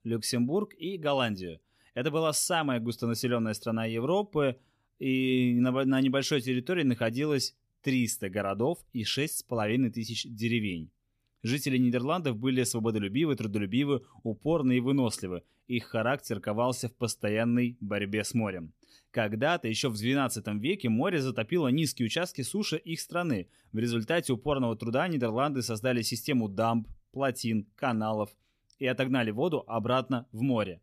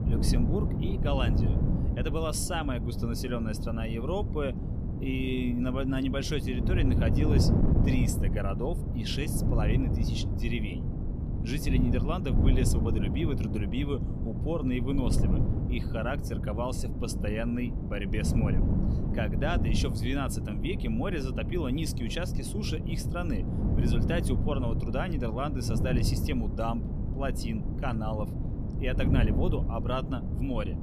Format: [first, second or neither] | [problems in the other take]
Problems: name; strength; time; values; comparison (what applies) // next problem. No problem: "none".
first | wind noise on the microphone; heavy; 5 dB below the speech